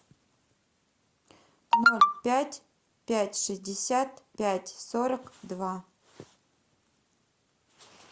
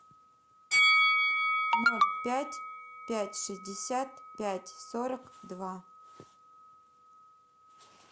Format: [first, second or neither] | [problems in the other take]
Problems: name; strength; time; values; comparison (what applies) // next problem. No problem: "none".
first | background sound (Bell); 3 dB above the speech